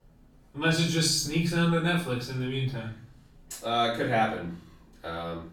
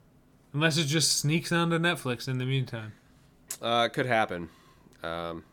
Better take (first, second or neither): second